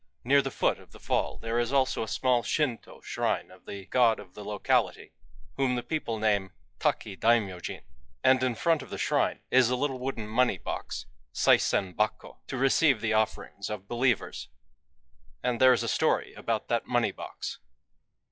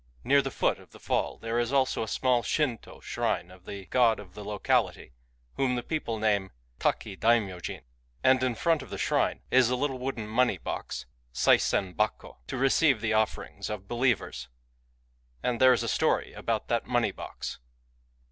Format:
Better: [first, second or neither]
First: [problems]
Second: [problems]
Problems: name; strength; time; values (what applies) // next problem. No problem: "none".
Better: second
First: noise reduction (classical method log-MMSE)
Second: none